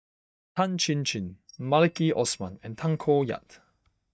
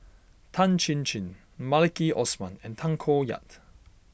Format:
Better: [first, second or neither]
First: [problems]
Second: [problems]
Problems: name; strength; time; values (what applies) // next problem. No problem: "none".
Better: second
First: noise reduction (neural mask model DeepFilterNet 3)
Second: none